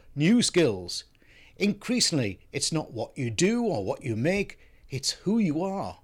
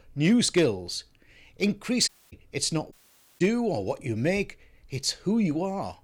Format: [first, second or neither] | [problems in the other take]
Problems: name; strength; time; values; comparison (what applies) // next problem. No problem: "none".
first | audio cutting out; at 2 s and at 3 s